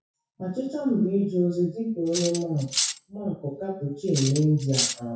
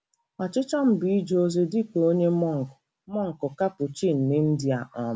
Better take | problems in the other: second | noise reduction (classical method WPE with log-MMSE)

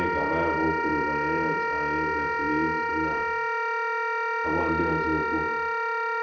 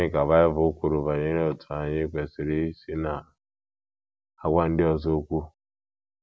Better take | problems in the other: second | background sound (Wind instrument, woodwind instrument); 4 dB above the speech // room echo; dies away in 0.7 s

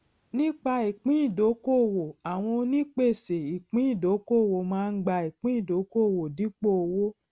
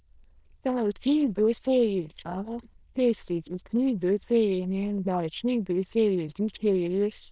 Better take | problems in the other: first | noise reduction (neural diffusion model UNIVERSE++)

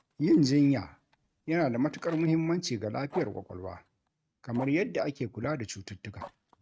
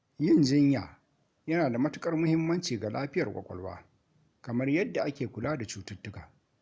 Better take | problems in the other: second | noise reduction (neural mask model RNNoise)

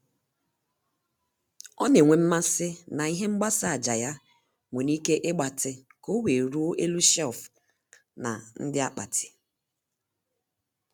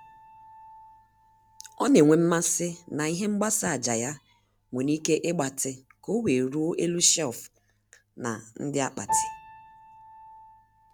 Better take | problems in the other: first | background sound (Piano); 15 dB below the speech

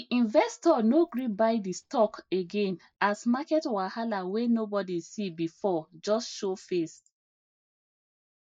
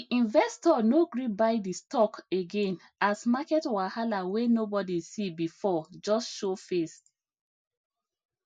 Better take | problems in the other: second | noise reduction (neural mask model DeepFilterNet 3)

